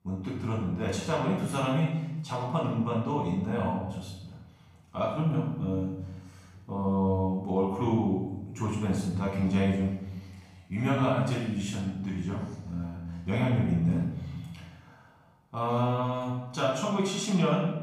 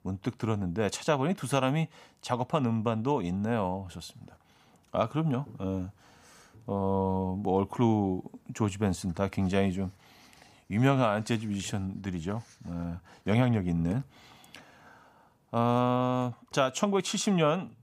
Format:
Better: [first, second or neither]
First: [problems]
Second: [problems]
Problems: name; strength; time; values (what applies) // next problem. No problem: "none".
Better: second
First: off-mic speech; far // room echo; noticeable; dies away in 1 s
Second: none